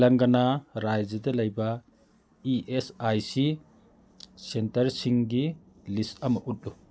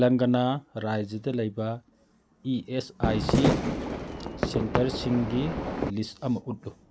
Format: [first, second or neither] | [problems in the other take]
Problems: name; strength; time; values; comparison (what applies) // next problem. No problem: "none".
first | background sound (Fireworks); 1 dB above the speech